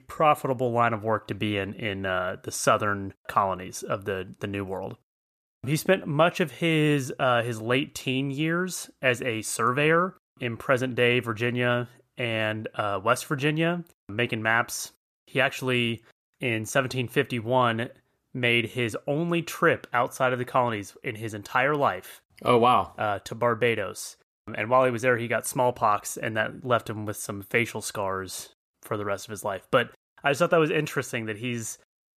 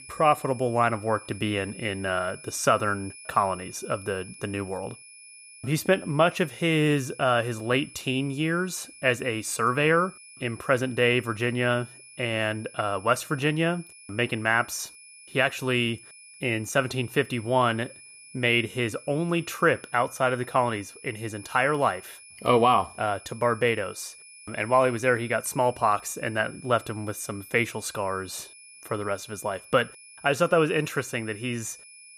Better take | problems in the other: first | high-pitched whine; noticeable; throughout; 2.5 kHz, 20 dB below the speech

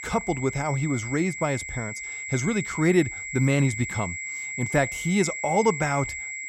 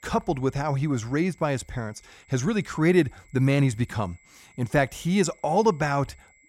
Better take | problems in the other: second | high-pitched whine; loud; throughout; 2 kHz, 6 dB below the speech; faint in the second

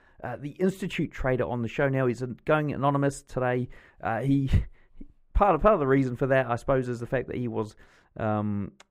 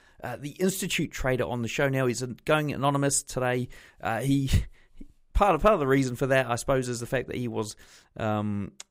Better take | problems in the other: second | muffled; very; fading above 3 kHz

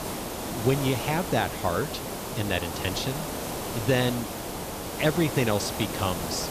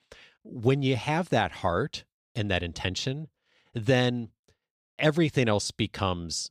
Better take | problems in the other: second | hiss; loud; throughout; 5 dB below the speech

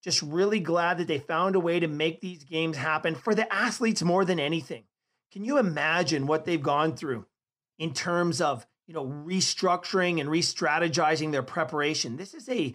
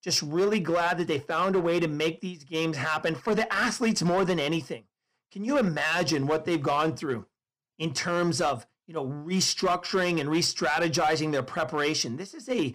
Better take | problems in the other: first | distortion; slight; 7% of the sound clipped

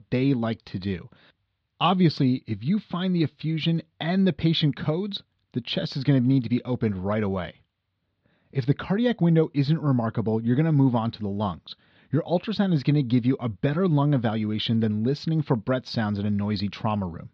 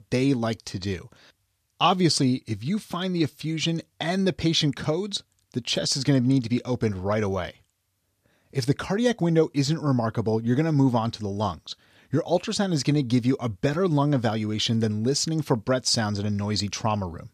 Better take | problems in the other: second | muffled; slightly; fading above 4 kHz

